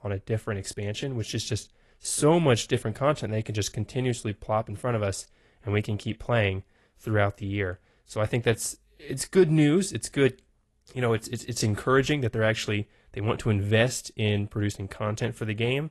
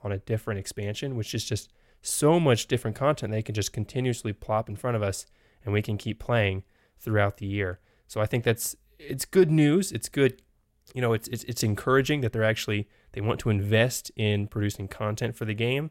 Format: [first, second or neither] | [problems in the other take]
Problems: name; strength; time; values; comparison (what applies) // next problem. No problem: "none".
second | garbled, watery; slightly; nothing above 11.5 kHz